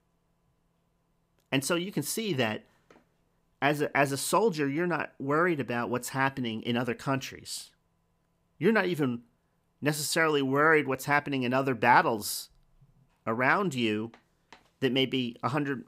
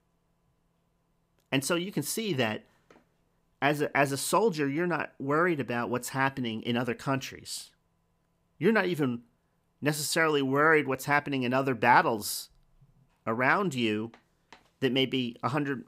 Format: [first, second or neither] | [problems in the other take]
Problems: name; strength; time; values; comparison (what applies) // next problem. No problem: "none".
neither | none